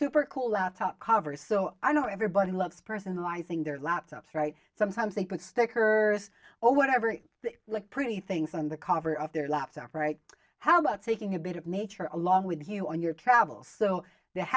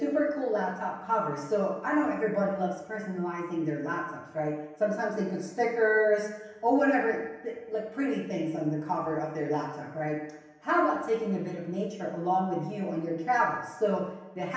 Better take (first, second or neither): first